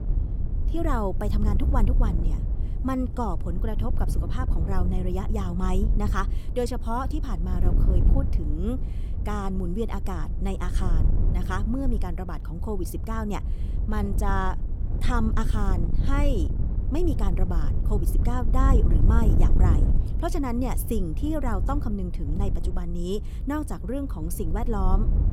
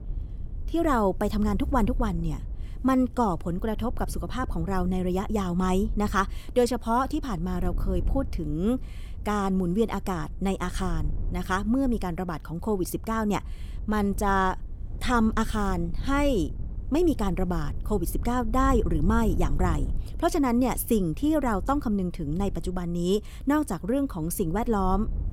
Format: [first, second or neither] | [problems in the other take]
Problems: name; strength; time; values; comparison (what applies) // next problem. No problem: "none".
second | wind noise on the microphone; heavy; 9 dB below the speech; occasional gusts in the second